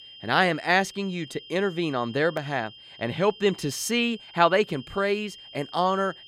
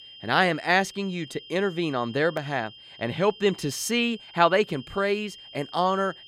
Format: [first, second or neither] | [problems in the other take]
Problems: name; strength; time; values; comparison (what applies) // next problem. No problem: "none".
neither | high-pitched whine; noticeable; throughout; 3 kHz, 20 dB below the speech; the same in both